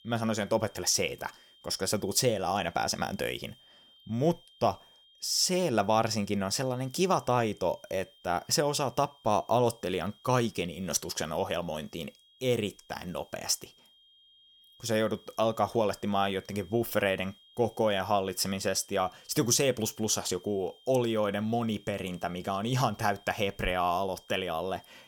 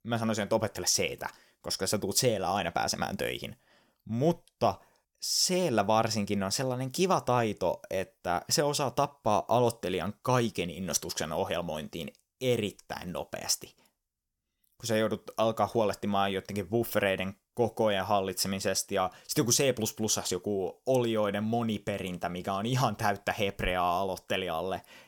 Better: second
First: high-pitched whine; faint; throughout; 3 kHz, 25 dB below the speech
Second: none

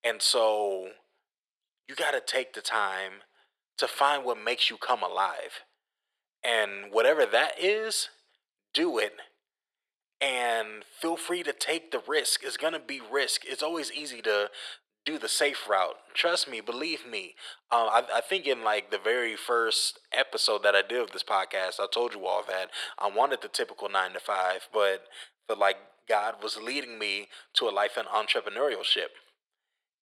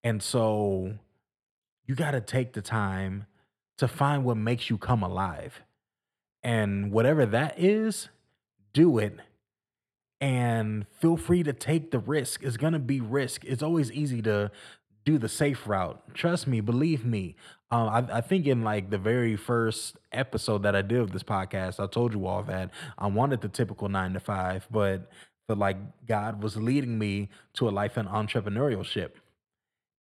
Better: second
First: thin; very; fading below 450 Hz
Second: none

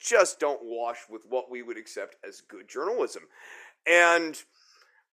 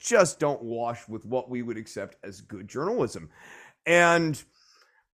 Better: second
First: thin; very; fading below 350 Hz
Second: none

